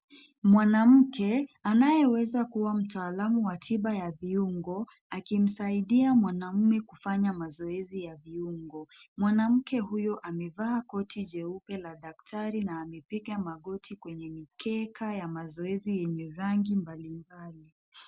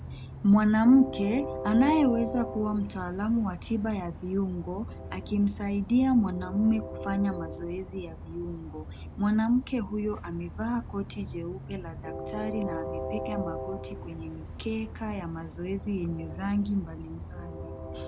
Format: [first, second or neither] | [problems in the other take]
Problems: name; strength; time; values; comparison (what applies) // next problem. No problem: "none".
first | background sound (Train); 10 dB below the speech